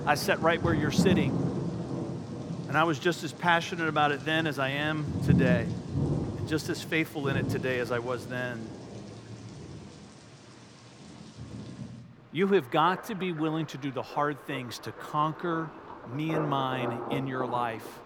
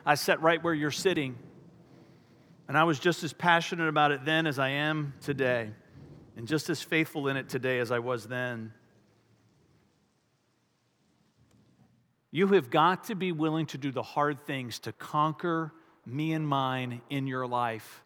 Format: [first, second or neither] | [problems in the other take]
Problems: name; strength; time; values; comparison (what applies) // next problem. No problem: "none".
second | rain or running water; loud; throughout; 5 dB below the speech; faint in the second